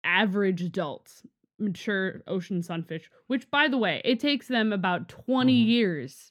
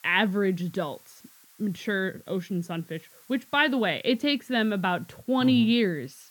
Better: first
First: none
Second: hiss; faint; throughout; 25 dB below the speech

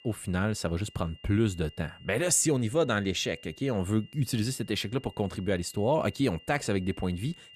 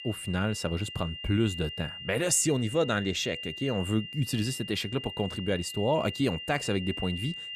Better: first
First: high-pitched whine; faint; throughout; 3 kHz, 25 dB below the speech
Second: high-pitched whine; loud; throughout; 3 kHz, 9 dB below the speech

